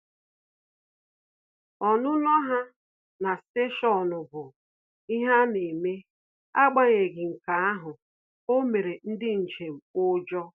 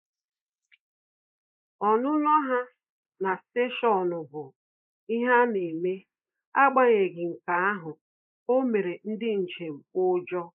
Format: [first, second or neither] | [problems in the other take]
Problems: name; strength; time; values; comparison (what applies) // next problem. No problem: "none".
first | noise reduction (neural mask model Resemble Enhance denoiser)